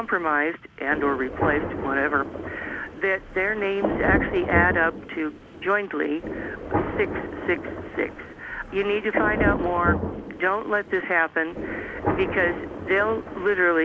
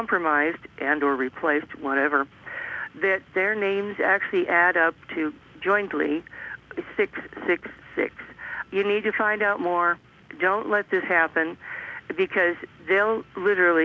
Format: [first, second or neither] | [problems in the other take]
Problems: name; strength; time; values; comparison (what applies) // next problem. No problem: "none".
second | background sound (Thunder); 5 dB below the speech